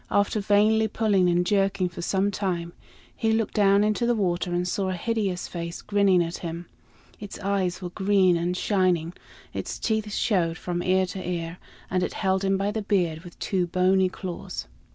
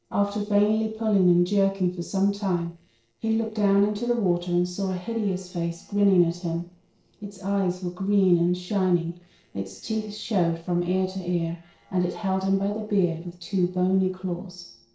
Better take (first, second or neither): first